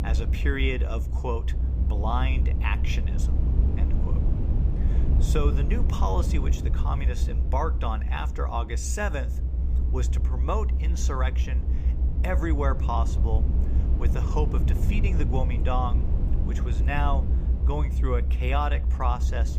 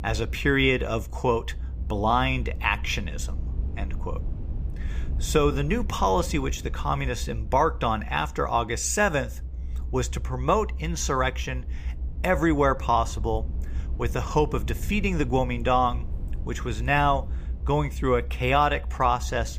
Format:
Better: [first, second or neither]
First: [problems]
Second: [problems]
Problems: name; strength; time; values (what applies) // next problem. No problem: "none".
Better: second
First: low rumble; loud; throughout; 9 dB below the speech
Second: low rumble; faint; throughout; 25 dB below the speech